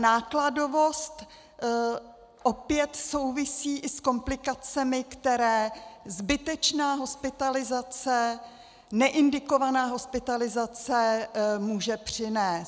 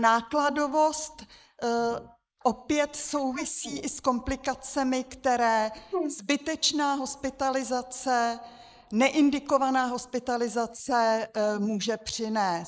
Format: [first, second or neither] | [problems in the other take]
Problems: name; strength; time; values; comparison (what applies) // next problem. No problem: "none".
first | noise reduction (neural mask model Resemble Enhance denoiser)